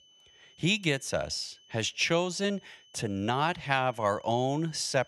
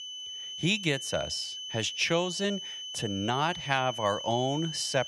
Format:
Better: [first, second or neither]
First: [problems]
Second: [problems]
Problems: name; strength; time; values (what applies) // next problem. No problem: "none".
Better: first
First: high-pitched whine; faint; throughout; 3 kHz, 25 dB below the speech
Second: high-pitched whine; loud; throughout; 3 kHz, 7 dB below the speech